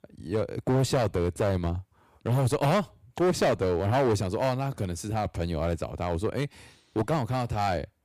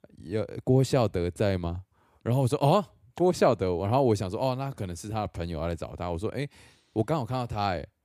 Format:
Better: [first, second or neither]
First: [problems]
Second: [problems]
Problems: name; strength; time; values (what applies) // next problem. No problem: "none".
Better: second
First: distortion; heavy; 9% of the sound clipped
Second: none